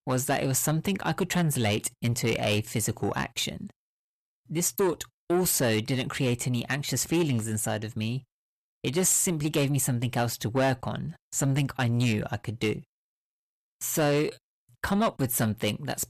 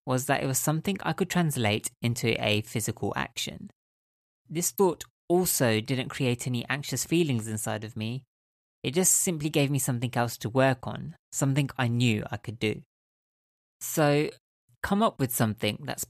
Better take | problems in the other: second | distortion; slight; 10 dB below the speech

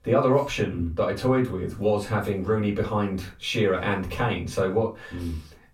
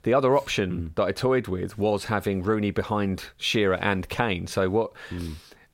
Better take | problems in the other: second | off-mic speech; far // room echo; very slight; dies away in 0.2 s

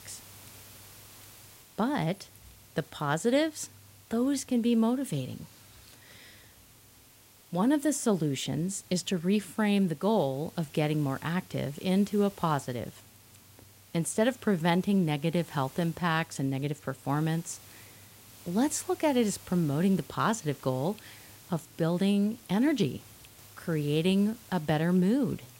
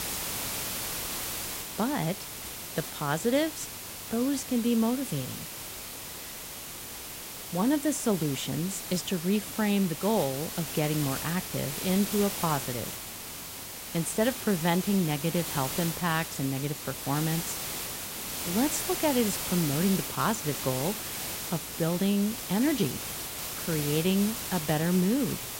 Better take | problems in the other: first | hiss; loud; throughout; 5 dB below the speech; faint in the first

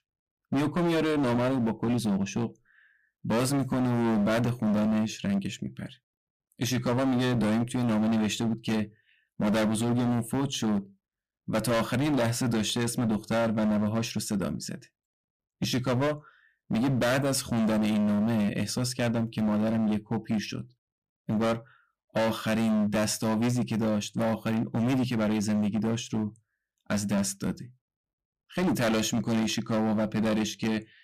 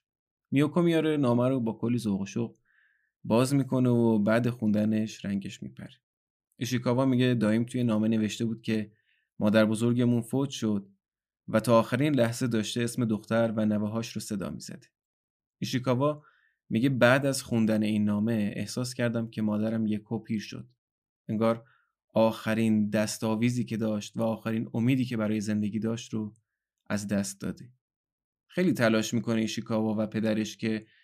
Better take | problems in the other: second | distortion; heavy; 21% of the sound clipped

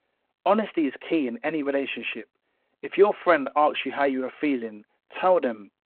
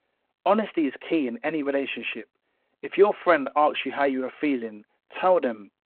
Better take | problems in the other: neither | phone-call audio; the same in both

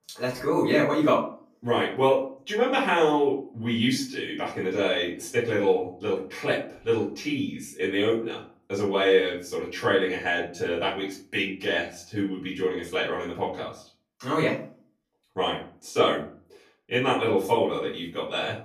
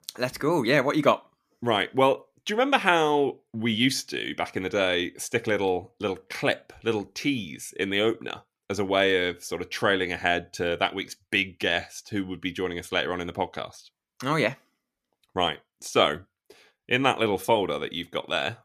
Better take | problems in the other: second | off-mic speech; far // room echo; slight; dies away in 0.4 s

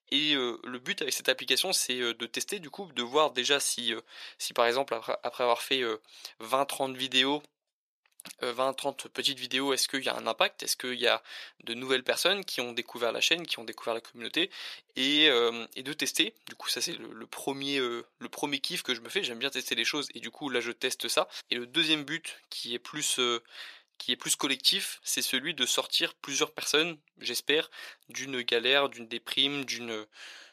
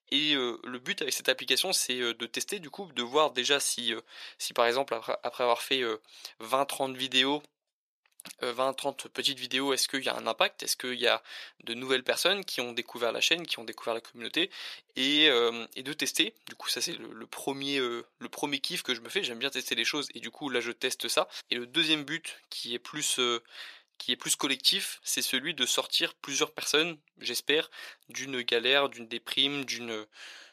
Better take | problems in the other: neither | thin; somewhat; fading below 550 Hz; the same in both

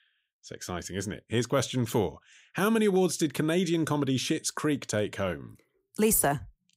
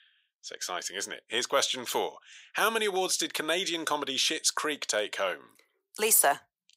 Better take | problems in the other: first | thin; very; fading below 700 Hz

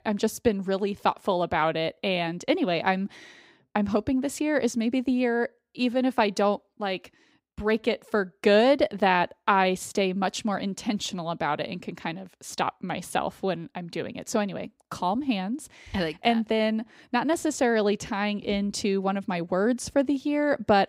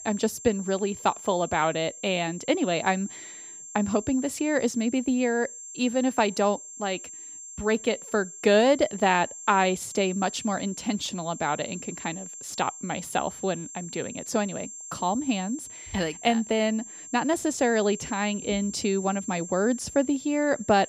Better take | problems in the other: first | high-pitched whine; noticeable; throughout; 7.5 kHz, 10 dB below the speech

